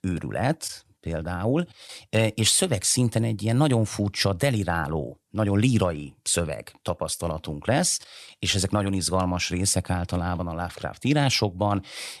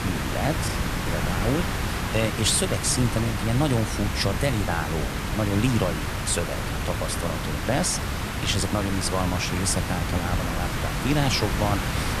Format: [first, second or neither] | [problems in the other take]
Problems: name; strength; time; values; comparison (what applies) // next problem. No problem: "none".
first | hiss; loud; throughout; 2 dB below the speech